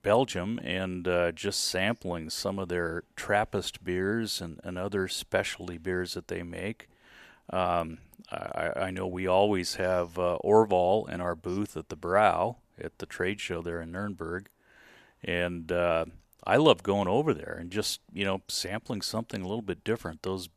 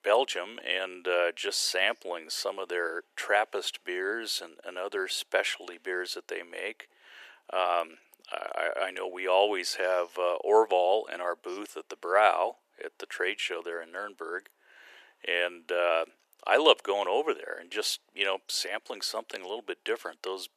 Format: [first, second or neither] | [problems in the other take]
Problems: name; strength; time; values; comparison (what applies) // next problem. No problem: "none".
first | thin; very; fading below 350 Hz